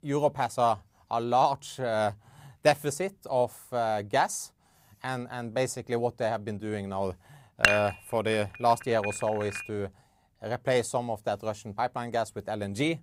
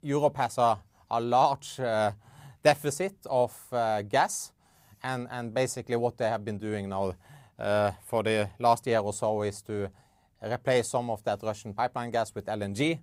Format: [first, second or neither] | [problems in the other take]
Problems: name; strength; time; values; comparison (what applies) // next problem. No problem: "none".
second | clattering dishes; loud; at 7.5 s; peak 6 dB above the speech